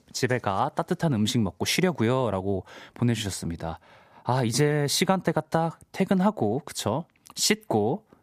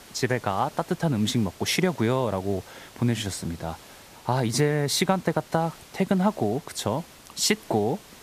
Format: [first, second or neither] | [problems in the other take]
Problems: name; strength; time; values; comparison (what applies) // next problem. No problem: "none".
first | hiss; faint; throughout; 20 dB below the speech